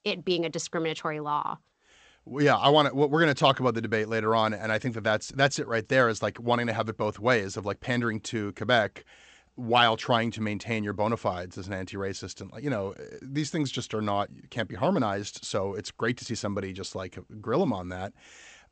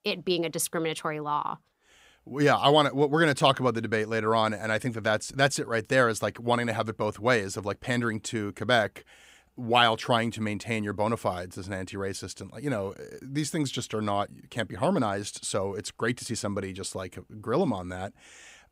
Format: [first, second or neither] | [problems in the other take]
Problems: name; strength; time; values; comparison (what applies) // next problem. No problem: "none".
second | garbled, watery; slightly; nothing above 8 kHz